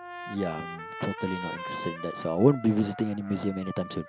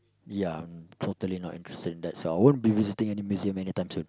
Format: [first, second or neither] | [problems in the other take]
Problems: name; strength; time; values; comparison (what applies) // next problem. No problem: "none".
second | background sound (Trumpet); 11 dB below the speech